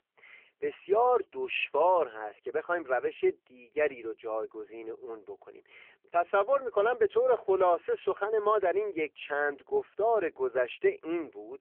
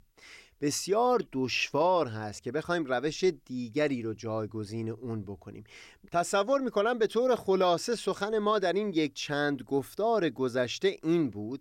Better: second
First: phone-call audio; poor line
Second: none

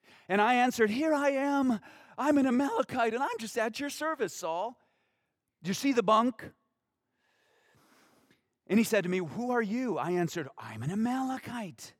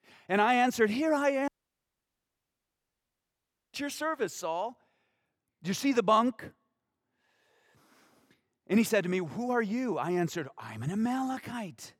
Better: first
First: none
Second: audio cutting out; at 1.5 s for 2.5 s

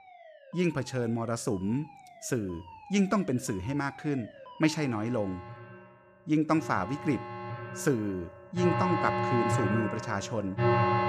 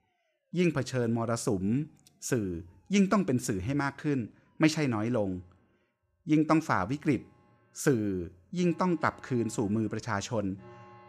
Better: second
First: alarms or sirens; loud; throughout; as loud as the speech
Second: alarms or sirens; faint; throughout; 30 dB below the speech

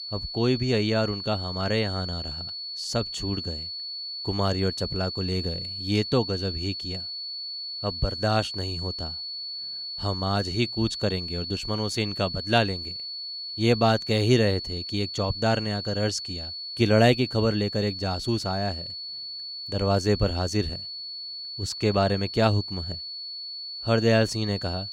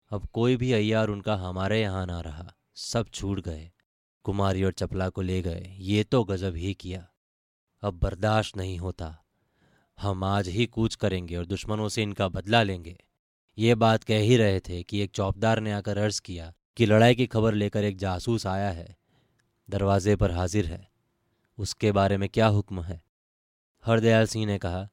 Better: second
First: high-pitched whine; loud; throughout; 4.5 kHz, 6 dB below the speech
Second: none

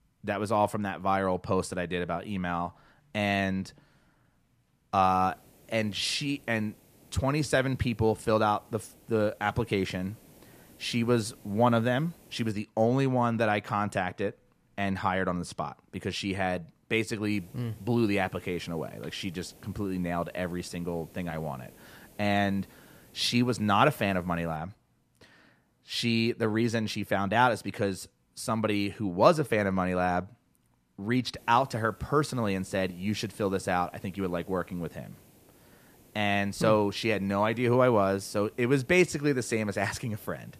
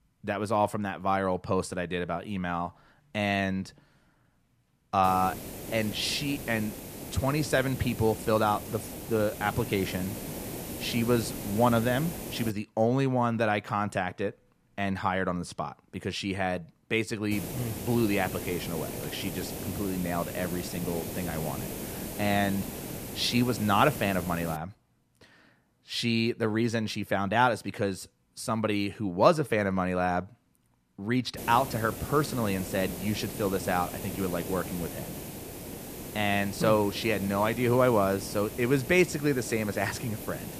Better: first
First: hiss; faint; from 5 to 13 s, from 17 to 25 s and from 31 s on; 25 dB below the speech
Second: hiss; loud; from 5 to 13 s, from 17 to 25 s and from 31 s on; 9 dB below the speech

